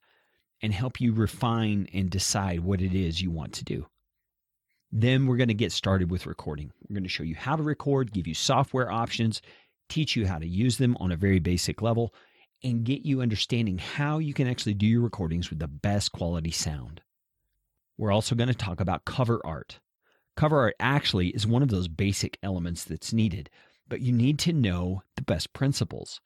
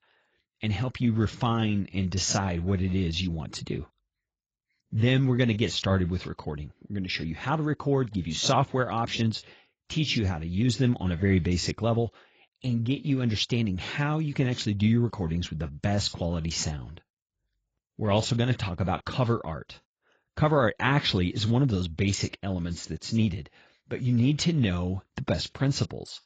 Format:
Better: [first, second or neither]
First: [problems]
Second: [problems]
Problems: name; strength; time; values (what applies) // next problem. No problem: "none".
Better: first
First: none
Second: garbled, watery; badly; nothing above 7.5 kHz